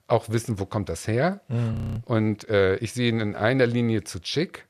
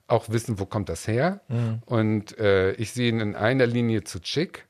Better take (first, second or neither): second